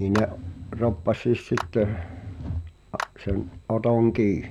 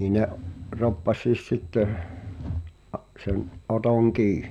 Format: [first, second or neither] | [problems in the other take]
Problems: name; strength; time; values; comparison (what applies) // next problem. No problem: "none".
second | background sound (Clapping); 15 dB below the speech